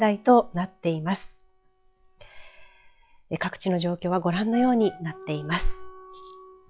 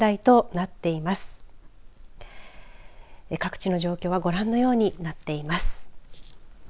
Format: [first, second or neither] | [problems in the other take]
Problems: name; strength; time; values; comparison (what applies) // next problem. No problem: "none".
second | noise reduction (classical method log-MMSE)